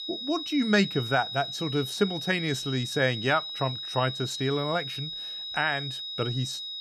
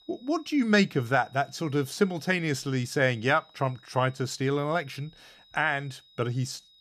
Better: second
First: high-pitched whine; loud; throughout; 4 kHz, 5 dB below the speech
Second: high-pitched whine; faint; throughout; 4 kHz, 30 dB below the speech

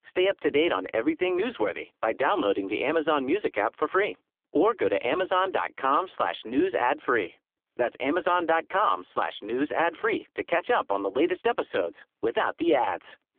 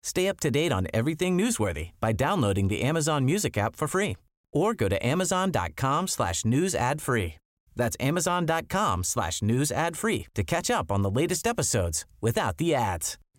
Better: second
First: phone-call audio; poor line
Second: none

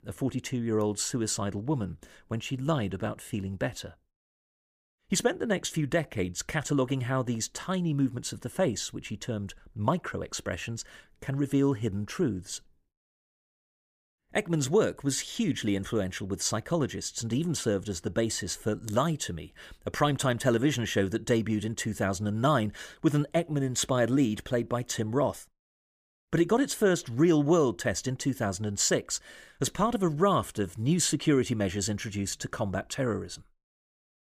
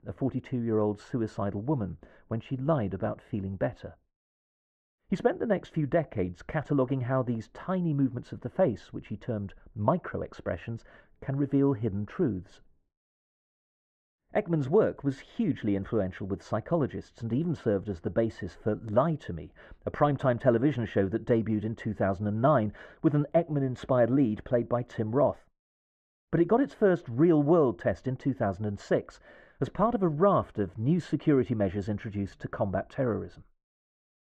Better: first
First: none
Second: muffled; very; fading above 4 kHz

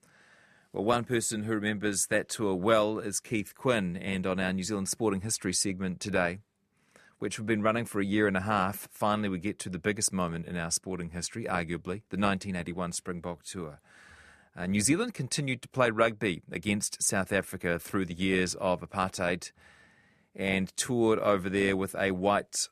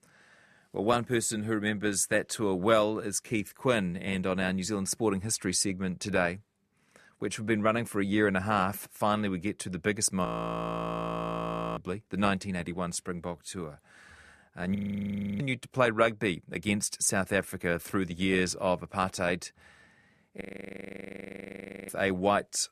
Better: first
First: none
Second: audio freezing; at 10 s for 1.5 s, at 15 s for 0.5 s and at 20 s for 1.5 s

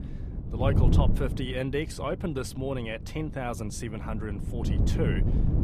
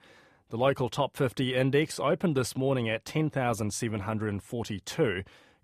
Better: second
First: wind noise on the microphone; heavy; 6 dB below the speech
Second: none

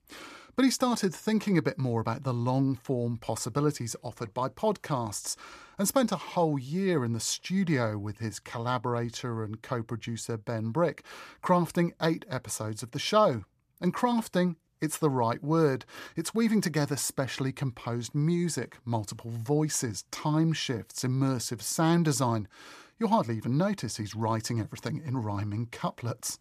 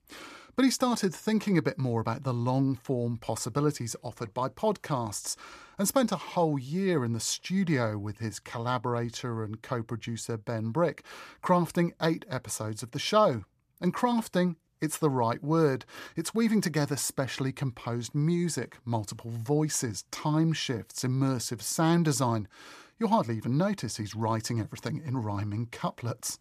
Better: neither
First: none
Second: none

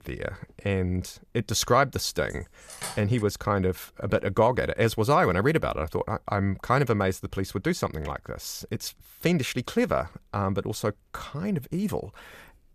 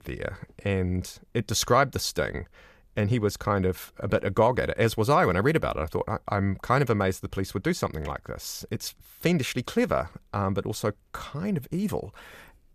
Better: second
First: clattering dishes; noticeable; at 2.5 s; peak 9 dB below the speech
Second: none

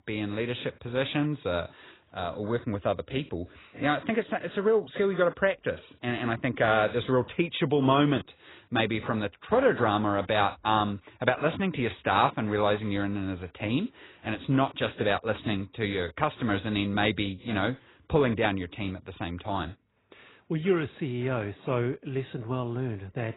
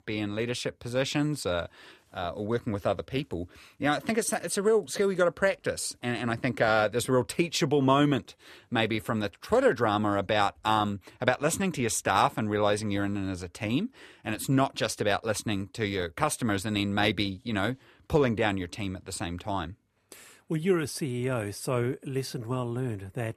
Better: second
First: garbled, watery; badly; nothing above 4 kHz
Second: none

